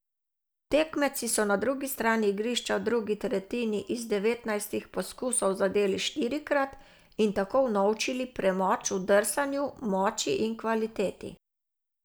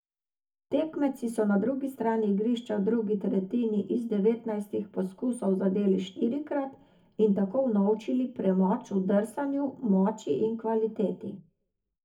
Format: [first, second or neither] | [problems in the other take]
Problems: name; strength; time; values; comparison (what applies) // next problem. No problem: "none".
first | room echo; dies away in 0.3 s